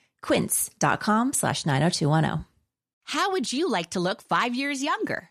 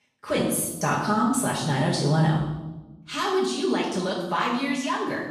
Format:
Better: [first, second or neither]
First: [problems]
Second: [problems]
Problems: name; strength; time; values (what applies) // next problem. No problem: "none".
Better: first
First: none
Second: off-mic speech; far // room echo; noticeable; dies away in 0.9 s